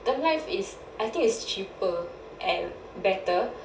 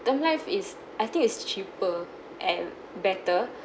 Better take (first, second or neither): second